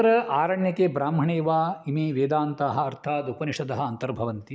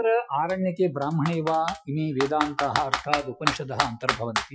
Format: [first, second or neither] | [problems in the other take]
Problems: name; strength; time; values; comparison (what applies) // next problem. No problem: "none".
first | noise reduction (classical method Wiener filter)